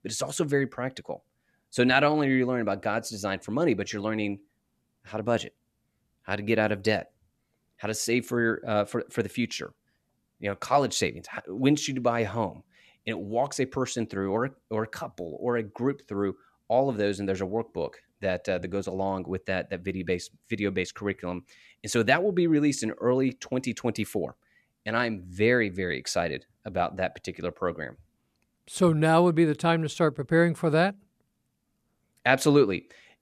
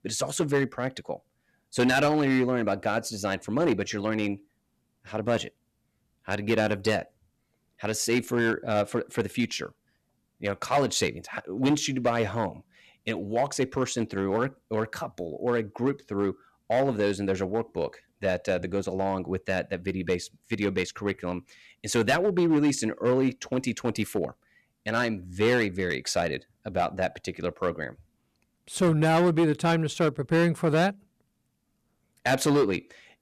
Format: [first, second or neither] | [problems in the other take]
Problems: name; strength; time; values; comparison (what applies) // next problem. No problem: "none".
first | distortion; slight; 4% of the sound clipped